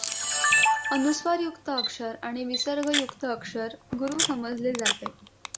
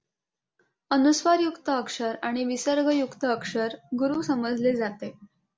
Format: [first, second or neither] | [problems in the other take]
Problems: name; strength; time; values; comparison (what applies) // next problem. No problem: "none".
second | background sound (Camera); 1 dB above the speech